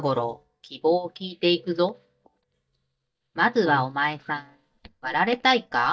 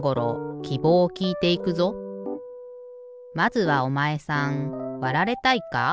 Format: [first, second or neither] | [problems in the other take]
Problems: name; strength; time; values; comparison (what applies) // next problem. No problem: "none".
second | noise reduction (neural mask model DeepFilterNet 3)